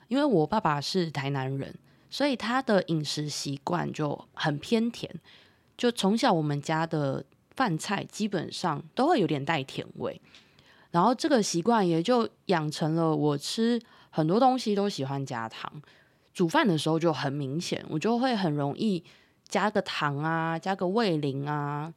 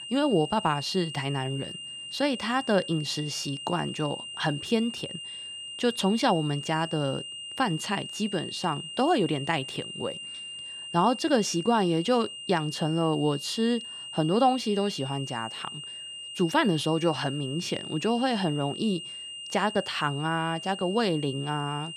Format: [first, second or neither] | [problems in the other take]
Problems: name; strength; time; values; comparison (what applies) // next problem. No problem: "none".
first | high-pitched whine; loud; throughout; 3 kHz, 9 dB below the speech